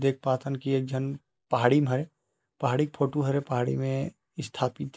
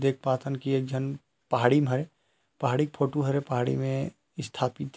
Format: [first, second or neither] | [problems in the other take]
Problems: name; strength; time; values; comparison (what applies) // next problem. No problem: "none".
second | noise reduction (neural mask model Resemble Enhance denoiser)